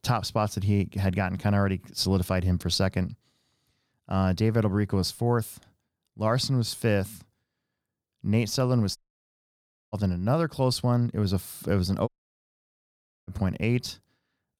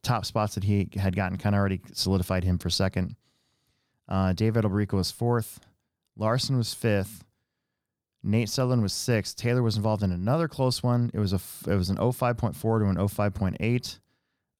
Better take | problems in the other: second | audio cutting out; at 9 s for 1 s and at 12 s for 1 s

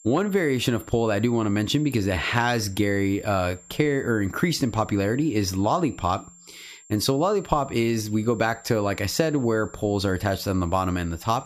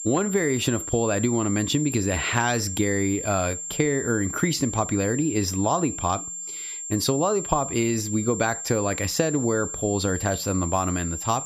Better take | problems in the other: first | high-pitched whine; loud; throughout; 7.5 kHz, 6 dB below the speech; faint in the first

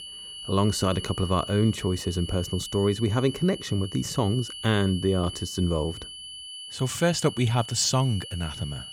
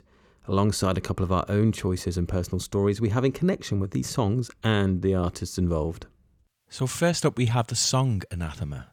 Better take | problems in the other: second | high-pitched whine; noticeable; throughout; 3 kHz, 10 dB below the speech

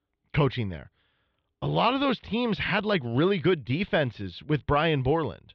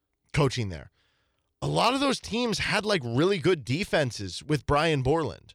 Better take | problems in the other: second | muffled; slightly; fading above 3.5 kHz

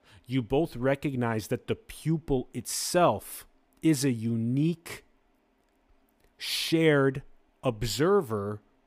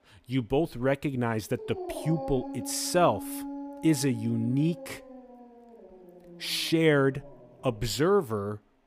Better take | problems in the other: first | dog barking; noticeable; from 1.5 to 8 s; peak 8 dB below the speech

